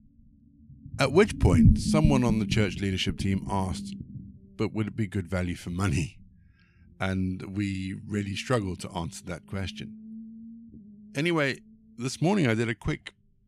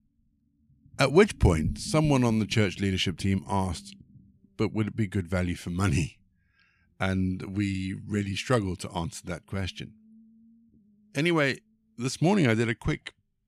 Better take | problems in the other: second | low rumble; loud; throughout; 7 dB below the speech; faint in the second

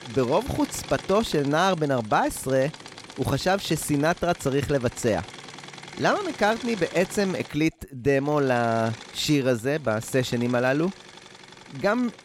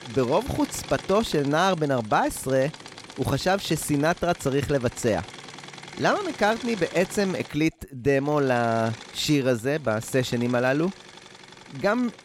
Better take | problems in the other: neither | machinery noise; noticeable; throughout; 15 dB below the speech; the same in both

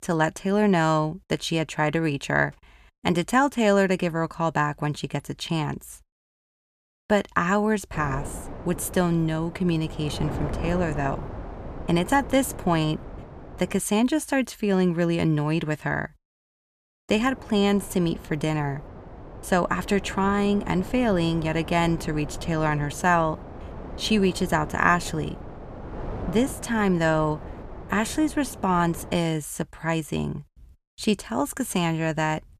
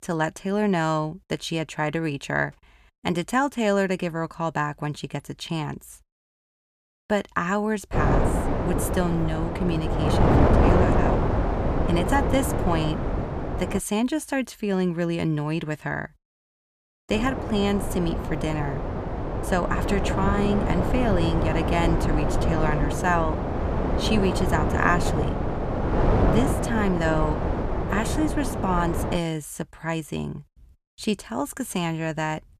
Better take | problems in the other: first | wind noise on the microphone; heavy; from 8 to 14 s and from 17 to 29 s; 1 dB below the speech; occasional gusts in the first

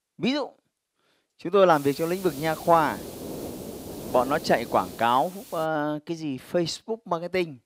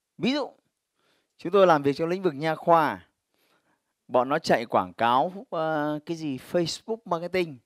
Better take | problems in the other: second | hiss; noticeable; from 1.5 to 5.5 s; 15 dB below the speech

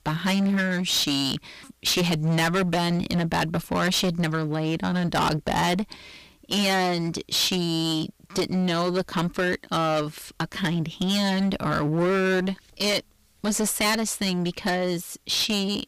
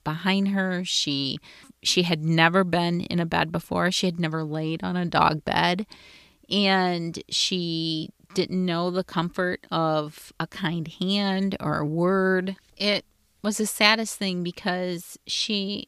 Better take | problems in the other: second | distortion; heavy; 19% of the sound clipped

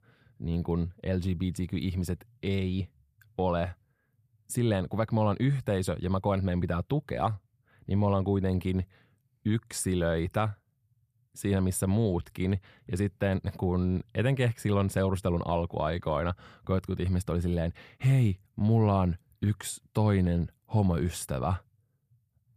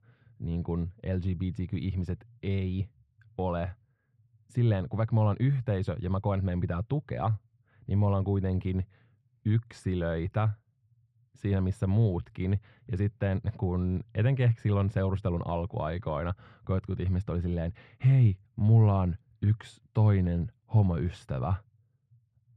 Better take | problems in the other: first | muffled; slightly; fading above 3.5 kHz

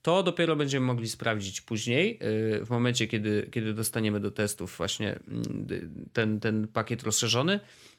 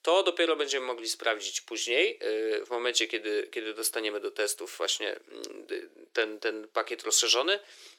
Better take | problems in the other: first | thin; very; fading below 350 Hz

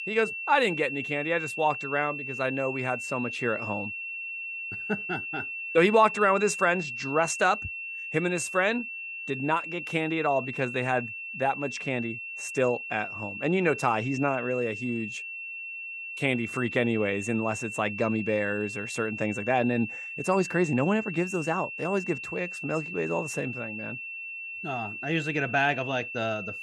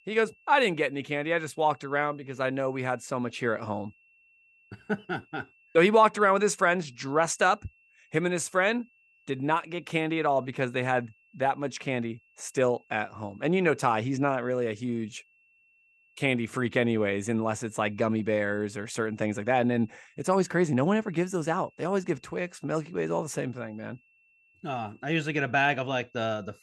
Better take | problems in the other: second | high-pitched whine; loud; throughout; 2.5 kHz, 6 dB below the speech; faint in the second

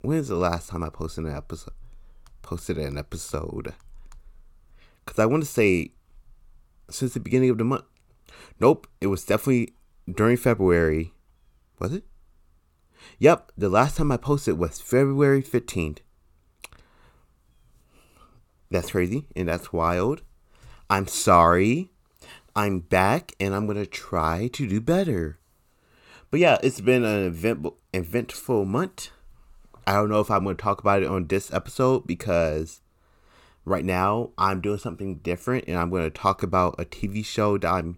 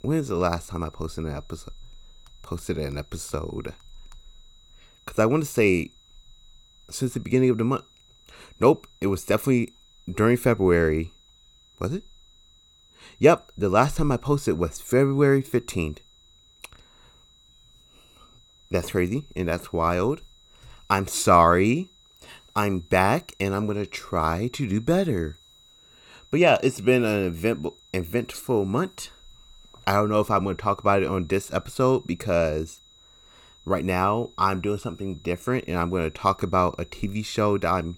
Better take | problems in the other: first | high-pitched whine; faint; throughout; 4 kHz, 30 dB below the speech

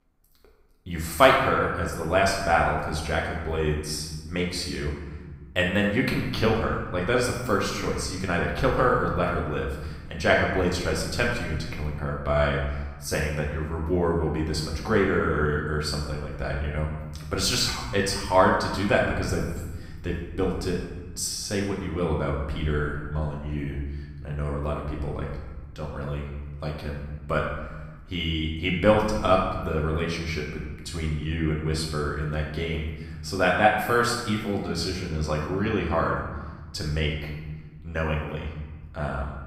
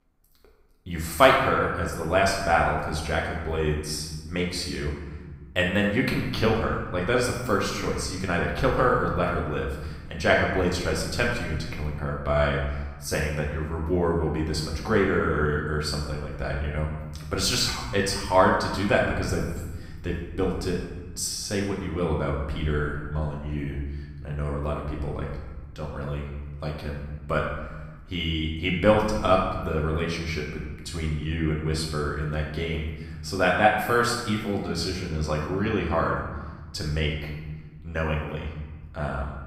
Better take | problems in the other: neither | room echo; noticeable; dies away in 1.2 s; the same in both // off-mic speech; far; the same in both

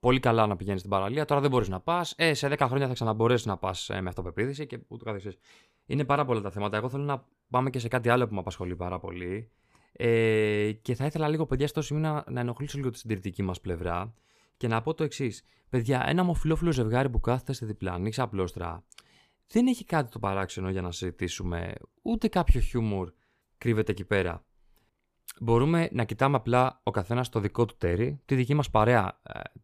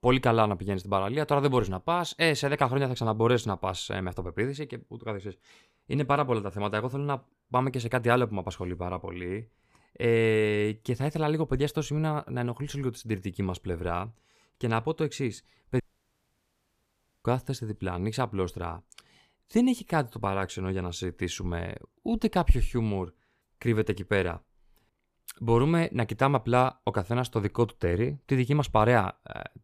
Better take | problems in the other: first | audio cutting out; at 16 s for 1.5 s

